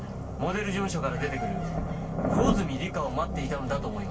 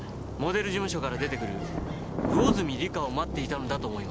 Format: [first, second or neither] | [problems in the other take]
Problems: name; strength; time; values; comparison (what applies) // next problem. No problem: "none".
second | room echo; dies away in 0.2 s